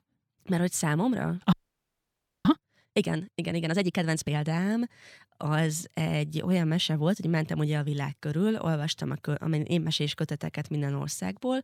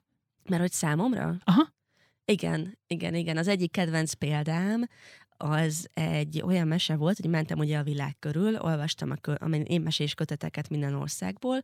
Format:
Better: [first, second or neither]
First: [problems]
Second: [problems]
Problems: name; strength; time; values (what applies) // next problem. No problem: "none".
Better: second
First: audio freezing; at 1.5 s for 1 s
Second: none